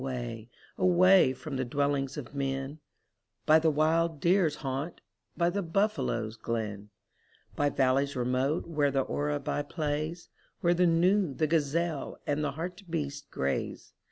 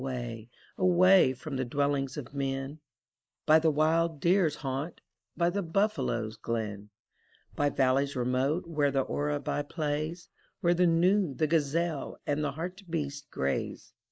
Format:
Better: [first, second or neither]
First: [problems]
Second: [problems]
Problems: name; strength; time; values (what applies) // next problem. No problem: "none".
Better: first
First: none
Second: noise reduction (neural mask model Resemble Enhance denoiser)